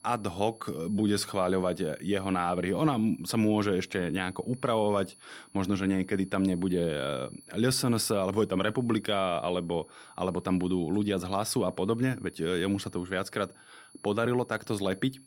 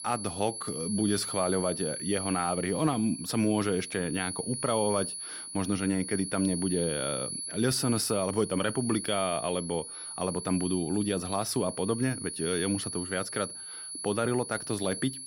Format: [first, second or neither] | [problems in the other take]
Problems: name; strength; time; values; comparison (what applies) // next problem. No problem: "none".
first | high-pitched whine; loud; throughout; 10.5 kHz, 5 dB below the speech; faint in the first